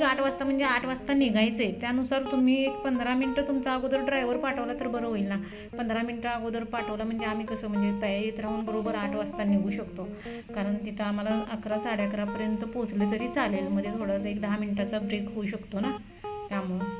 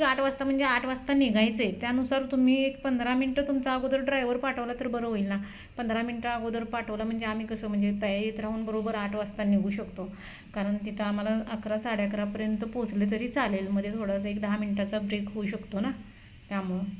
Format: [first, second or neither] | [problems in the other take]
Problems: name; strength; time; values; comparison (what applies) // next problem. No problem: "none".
second | background sound (Guitar); 10 dB below the speech